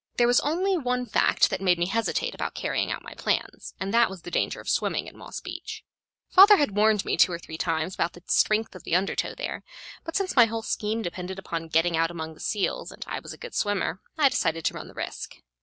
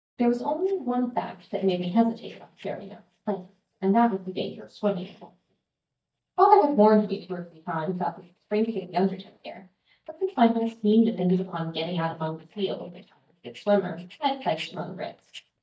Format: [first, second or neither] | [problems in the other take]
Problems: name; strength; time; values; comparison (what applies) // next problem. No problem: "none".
first | noise reduction (neural mask model DeepFilterNet 3)